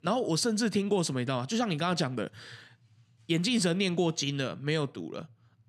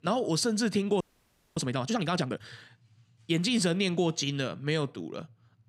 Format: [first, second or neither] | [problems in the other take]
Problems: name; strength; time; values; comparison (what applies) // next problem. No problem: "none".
first | audio freezing; at 1 s for 0.5 s